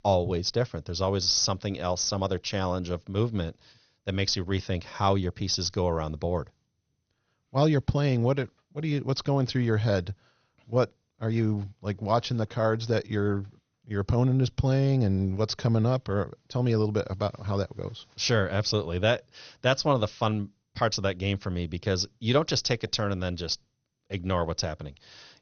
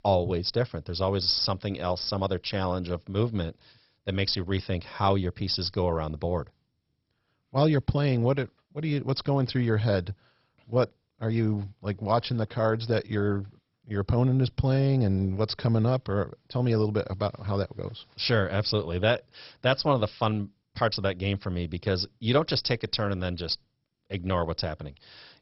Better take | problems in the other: first | garbled, watery; badly; nothing above 5.5 kHz; slightly in the first

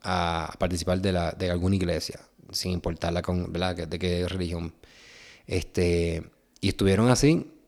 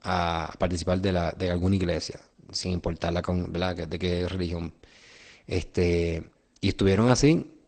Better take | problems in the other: first | garbled, watery; slightly; nothing above 8.5 kHz

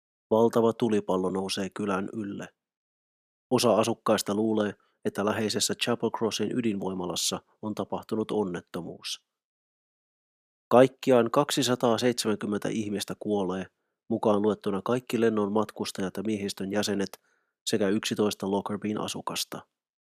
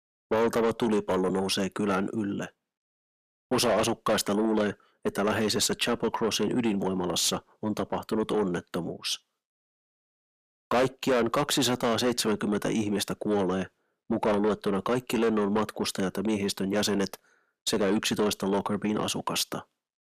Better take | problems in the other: first | distortion; heavy; 6 dB below the speech

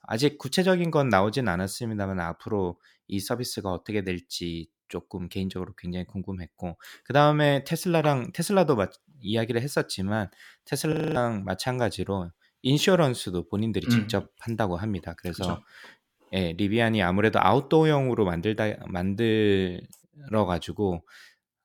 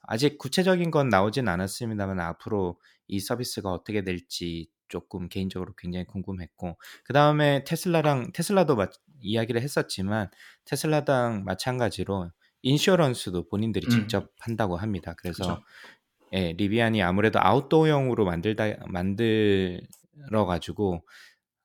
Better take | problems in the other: second | audio freezing; at 11 s

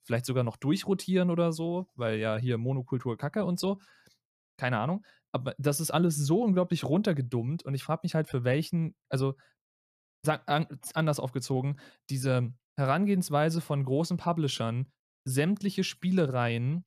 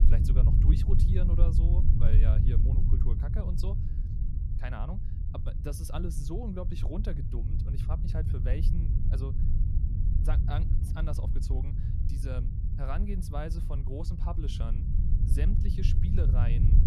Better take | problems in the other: first | low rumble; loud; throughout; 2 dB below the speech

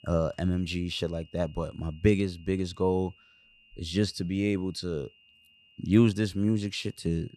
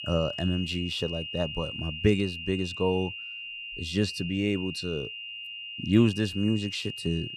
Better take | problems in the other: first | high-pitched whine; loud; throughout; 3 kHz, 7 dB below the speech; faint in the first

